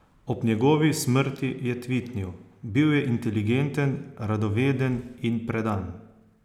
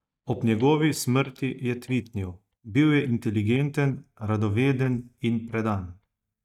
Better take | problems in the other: first | noise reduction (neural mask model DeepFilterNet 3)

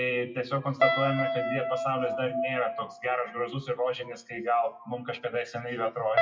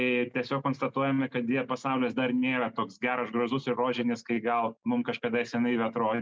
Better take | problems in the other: second | noise reduction (classical method WPE with log-MMSE)

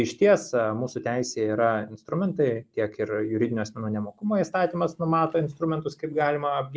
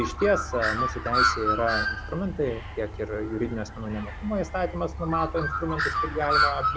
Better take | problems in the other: first | background sound (Bird); as loud as the speech

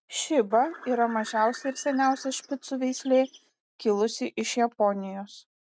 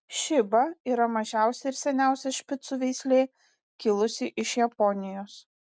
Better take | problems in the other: second | noise reduction (neural mask model RNNoise)

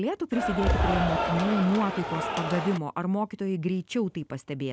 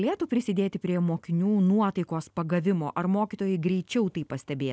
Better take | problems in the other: second | background sound (Cheering); as loud as the speech

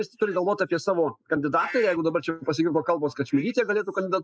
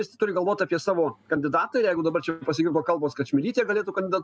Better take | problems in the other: second | noise reduction (neural mask model Resemble Enhance denoiser)

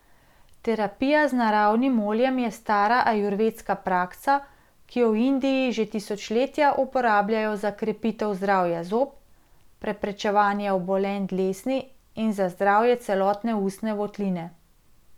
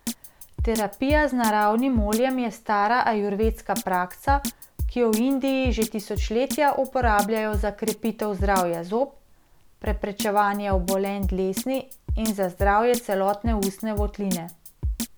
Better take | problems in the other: first | background sound (Drum kit); 7 dB below the speech

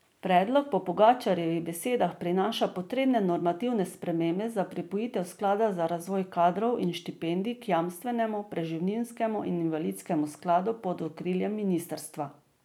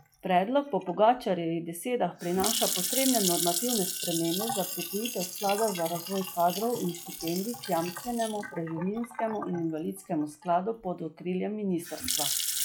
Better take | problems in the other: first | noise reduction (classical method log-MMSE)

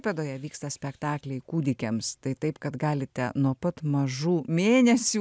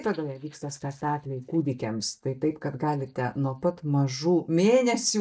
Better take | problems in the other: first | noise reduction (neural mask model DeepFilterNet 3)

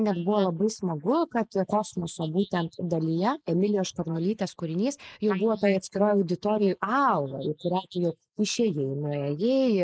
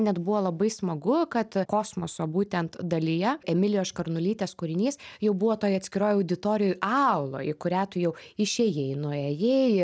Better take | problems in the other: second | noise reduction (neural mask model Resemble Enhance denoiser)

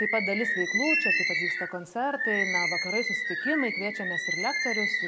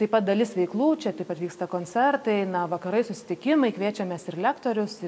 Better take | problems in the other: second | background sound (Bird); 3 dB above the speech

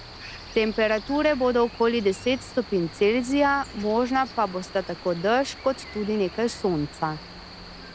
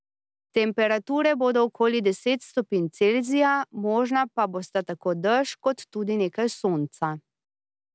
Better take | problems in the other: second | background sound (Cricket); 16 dB below the speech

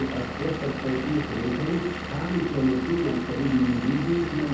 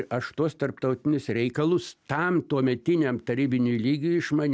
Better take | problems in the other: second | background sound (Engine / Vehicle); 7 dB below the speech // room echo; dies away in 0.7 s

